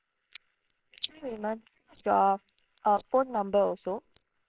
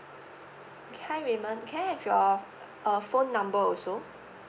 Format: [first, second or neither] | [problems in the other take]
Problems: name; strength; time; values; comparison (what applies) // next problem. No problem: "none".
second | noise reduction (neural separator model SepFormer WHAMR!)